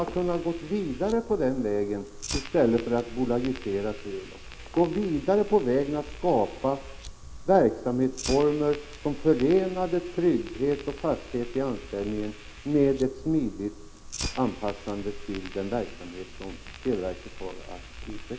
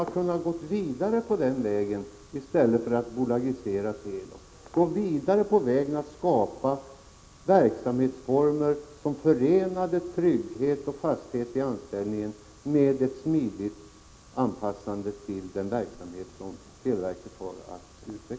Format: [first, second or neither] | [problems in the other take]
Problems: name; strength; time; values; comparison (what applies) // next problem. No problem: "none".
second | background sound (Fire); 13 dB below the speech